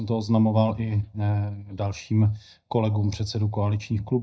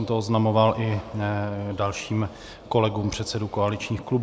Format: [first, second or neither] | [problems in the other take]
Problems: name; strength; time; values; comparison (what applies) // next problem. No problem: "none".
second | noise reduction (neural mask model DeepFilterNet 3)